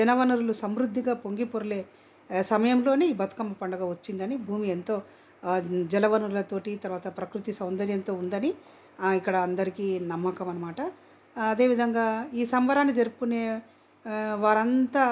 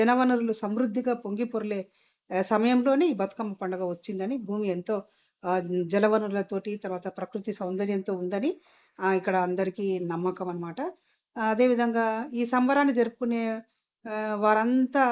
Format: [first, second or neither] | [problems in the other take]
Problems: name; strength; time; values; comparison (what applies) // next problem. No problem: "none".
first | noise reduction (neural mask model Resemble Enhance denoiser)